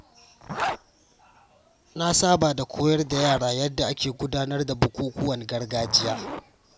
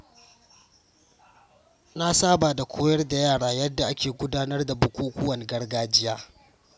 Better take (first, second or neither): second